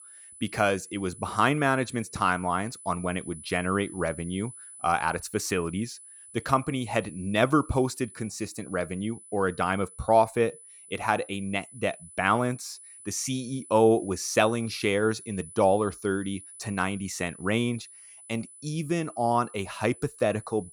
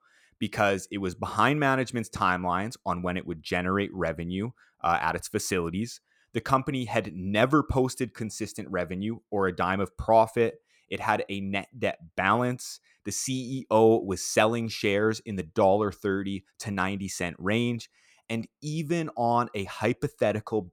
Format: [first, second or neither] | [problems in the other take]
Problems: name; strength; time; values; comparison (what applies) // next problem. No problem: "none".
second | high-pitched whine; noticeable; throughout; 10 kHz, 15 dB below the speech